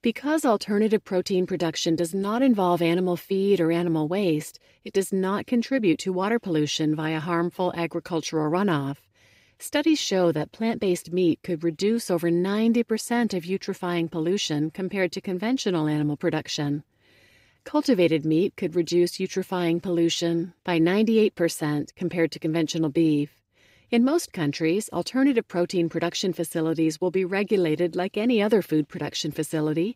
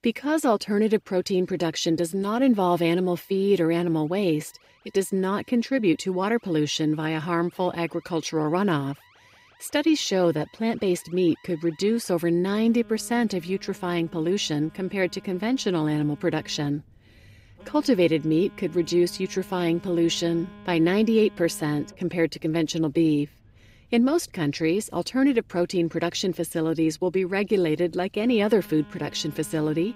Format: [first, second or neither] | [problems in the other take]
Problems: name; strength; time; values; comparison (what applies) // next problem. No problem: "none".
first | alarms or sirens; faint; throughout; 25 dB below the speech